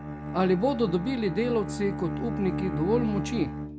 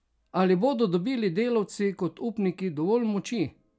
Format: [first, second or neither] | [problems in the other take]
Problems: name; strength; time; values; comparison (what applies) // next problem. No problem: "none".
second | background sound (Bowed string instrument); 5 dB below the speech